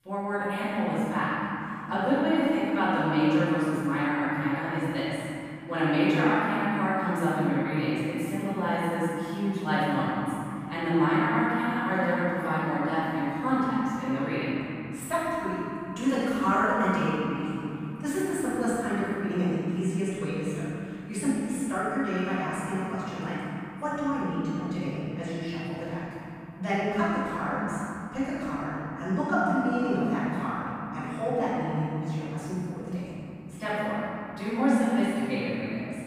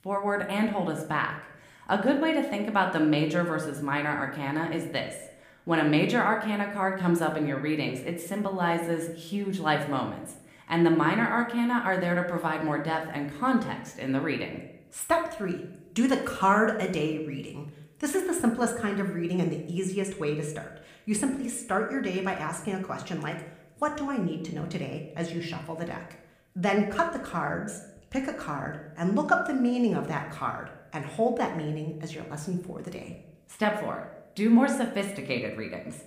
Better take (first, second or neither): second